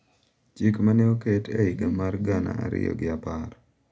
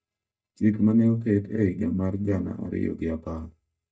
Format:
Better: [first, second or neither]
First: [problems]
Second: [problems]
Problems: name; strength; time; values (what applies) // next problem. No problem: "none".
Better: first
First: none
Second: noise reduction (neural mask model DeepFilterNet 3)